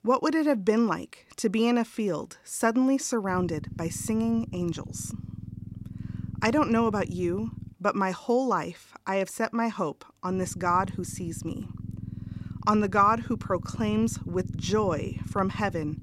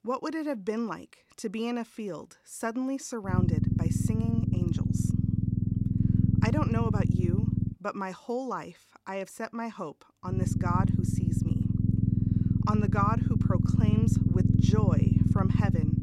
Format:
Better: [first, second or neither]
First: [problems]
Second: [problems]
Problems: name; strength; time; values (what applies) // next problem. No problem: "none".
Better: first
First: low rumble; faint; from 3.5 to 7.5 s and from 10 s on; 20 dB below the speech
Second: low rumble; loud; from 3.5 to 7.5 s and from 10 s on; 1 dB below the speech